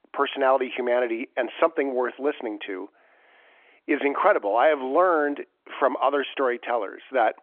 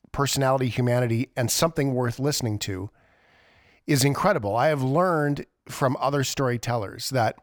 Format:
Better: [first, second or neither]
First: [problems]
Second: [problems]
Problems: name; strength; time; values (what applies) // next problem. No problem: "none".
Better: second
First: phone-call audio; nothing above 3.5 kHz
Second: none